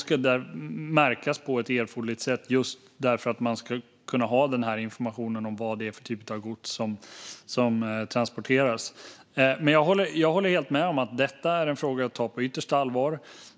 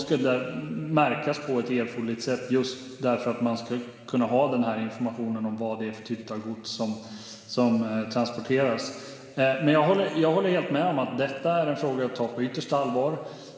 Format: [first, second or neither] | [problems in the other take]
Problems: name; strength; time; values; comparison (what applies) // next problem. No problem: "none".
first | room echo; dies away in 2.8 s